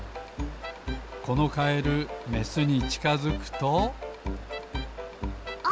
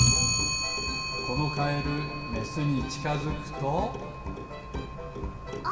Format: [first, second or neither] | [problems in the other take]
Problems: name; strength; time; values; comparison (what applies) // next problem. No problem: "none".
first | background sound (Clock); 1 dB above the speech // room echo; dies away in 2.2 s